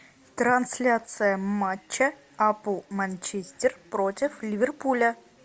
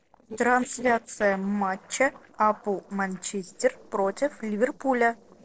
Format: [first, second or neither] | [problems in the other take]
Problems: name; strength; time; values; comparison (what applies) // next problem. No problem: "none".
first | noise reduction (neural separator model SepFormer DNS4)